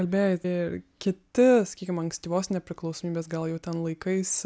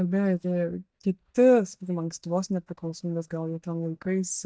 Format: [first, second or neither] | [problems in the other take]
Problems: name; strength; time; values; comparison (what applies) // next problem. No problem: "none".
first | noise reduction (neural mask model DeepFilterNet 3)